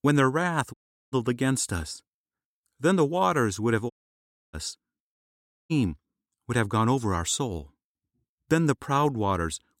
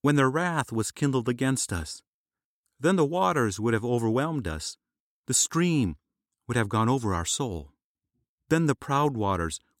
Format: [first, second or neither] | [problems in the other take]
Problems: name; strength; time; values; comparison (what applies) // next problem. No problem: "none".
second | audio cutting out; at 0.5 s, at 4 s for 0.5 s and at 5 s for 0.5 s